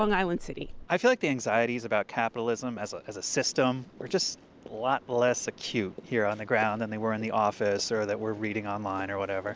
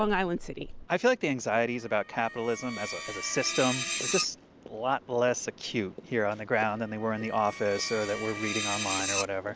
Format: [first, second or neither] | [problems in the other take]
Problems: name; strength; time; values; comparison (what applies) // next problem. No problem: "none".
first | background sound (Screech); 7 dB below the speech